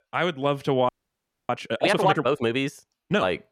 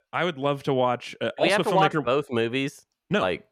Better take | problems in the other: second | audio freezing; at 1 s for 0.5 s

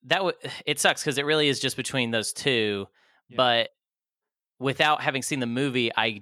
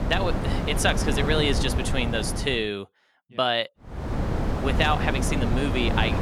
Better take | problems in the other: first | wind noise on the microphone; heavy; until 2.5 s and from 4 s on; 6 dB below the speech

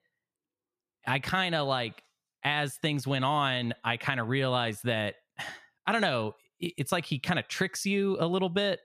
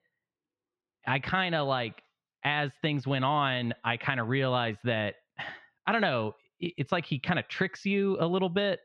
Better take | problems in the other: first | muffled; slightly; fading above 3.5 kHz

